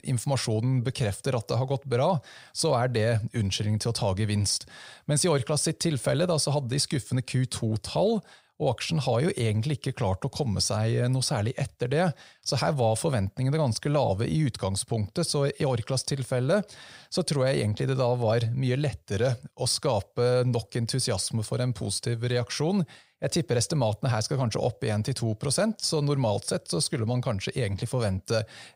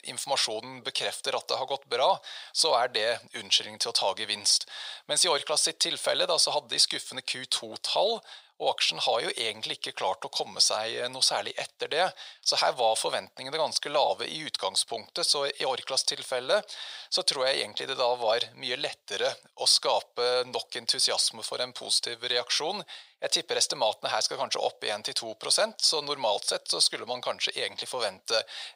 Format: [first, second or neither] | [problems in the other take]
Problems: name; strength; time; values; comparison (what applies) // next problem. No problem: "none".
first | thin; very; fading below 700 Hz